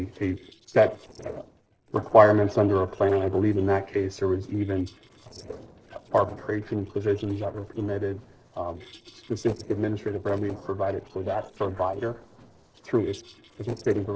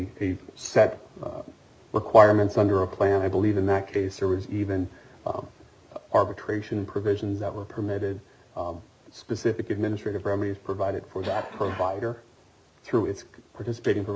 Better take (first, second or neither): second